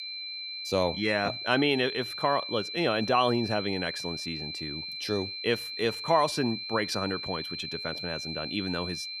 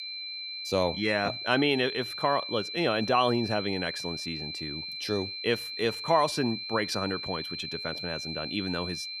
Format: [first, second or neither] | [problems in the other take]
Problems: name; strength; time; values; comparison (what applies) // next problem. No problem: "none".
neither | high-pitched whine; loud; throughout; 4 kHz, 5 dB below the speech; the same in both